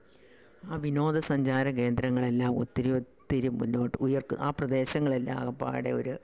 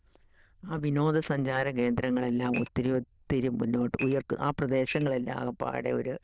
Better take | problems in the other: first | noise reduction (neural diffusion model UNIVERSE++)

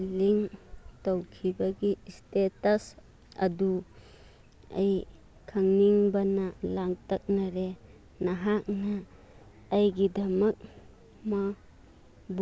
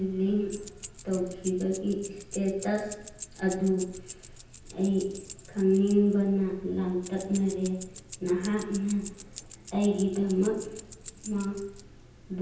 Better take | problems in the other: first | background sound (Keys jangling); 16 dB below the speech // room echo; dies away in 0.9 s

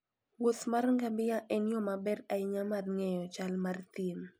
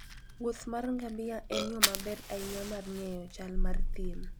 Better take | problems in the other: first | background sound (Burping, eructation + Fire); 4 dB above the speech

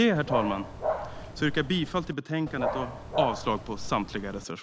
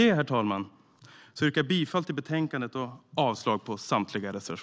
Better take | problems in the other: second | background sound (Dog); 4 dB below the speech

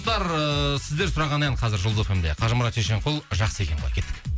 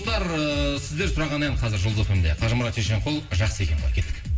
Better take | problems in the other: first | room echo; dies away in 1.7 s

